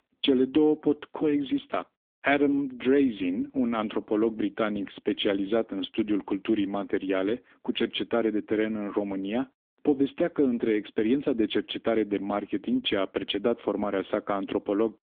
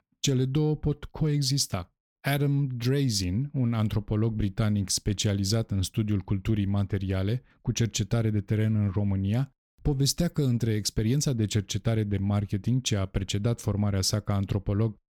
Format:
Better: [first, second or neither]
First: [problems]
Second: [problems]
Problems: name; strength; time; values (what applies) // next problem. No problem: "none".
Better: second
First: phone-call audio; nothing above 3.5 kHz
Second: none